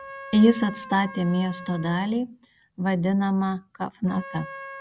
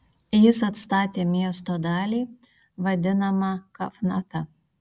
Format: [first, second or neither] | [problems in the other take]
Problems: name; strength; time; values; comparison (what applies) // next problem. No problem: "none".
second | background sound (Trumpet); 17 dB below the speech